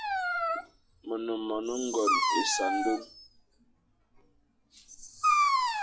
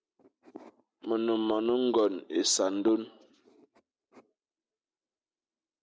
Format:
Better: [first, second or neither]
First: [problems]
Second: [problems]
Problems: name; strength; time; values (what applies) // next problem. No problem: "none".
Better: second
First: noise reduction (classical method WPE with log-MMSE)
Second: none